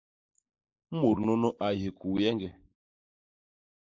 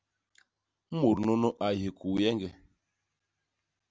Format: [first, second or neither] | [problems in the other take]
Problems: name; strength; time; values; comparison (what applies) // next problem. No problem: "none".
second | noise reduction (neural mask model Resemble Enhance denoiser)